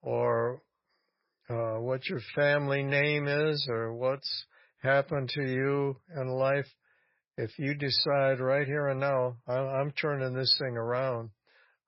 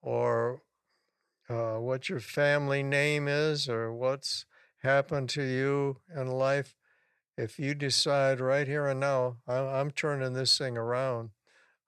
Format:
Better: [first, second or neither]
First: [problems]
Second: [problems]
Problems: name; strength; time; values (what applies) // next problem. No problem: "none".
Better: second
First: garbled, watery; badly; nothing above 5 kHz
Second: none